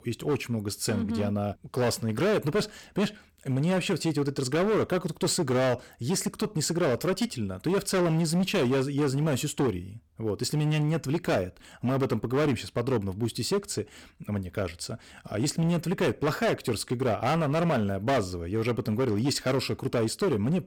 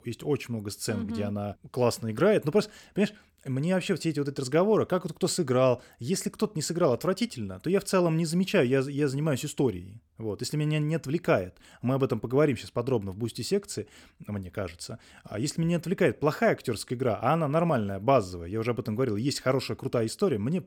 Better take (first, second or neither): second